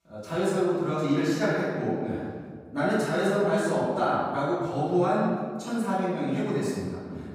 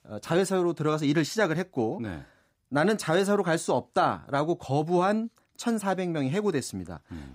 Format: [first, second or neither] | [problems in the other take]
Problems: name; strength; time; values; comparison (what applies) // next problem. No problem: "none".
second | off-mic speech; far // room echo; strong; dies away in 1.7 s